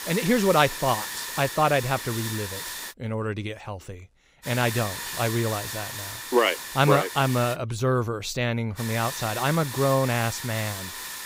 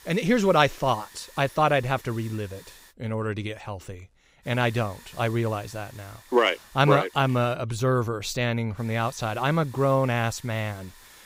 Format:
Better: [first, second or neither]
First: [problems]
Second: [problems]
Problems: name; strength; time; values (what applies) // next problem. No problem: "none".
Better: second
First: hiss; loud; until 3 s, from 4.5 to 7.5 s and from 9 s on; 8 dB below the speech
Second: hiss; faint; until 3 s, from 4.5 to 7.5 s and from 9 s on; 25 dB below the speech